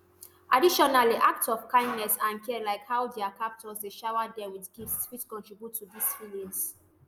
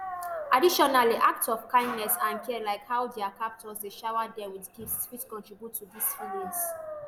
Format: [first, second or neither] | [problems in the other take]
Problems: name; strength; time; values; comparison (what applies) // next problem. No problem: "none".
first | background sound (Dog); 13 dB below the speech